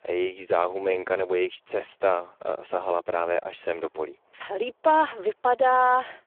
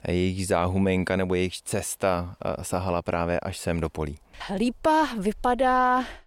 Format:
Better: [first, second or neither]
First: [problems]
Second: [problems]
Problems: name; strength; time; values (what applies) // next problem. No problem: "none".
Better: second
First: phone-call audio; poor line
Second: none